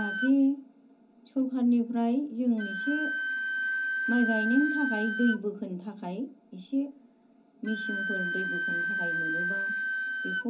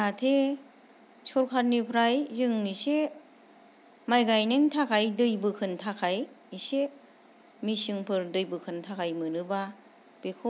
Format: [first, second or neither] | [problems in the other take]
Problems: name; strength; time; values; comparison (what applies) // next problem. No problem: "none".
second | background sound (Wind instrument, woodwind instrument); 3 dB below the speech // room echo; dies away in 0.3 s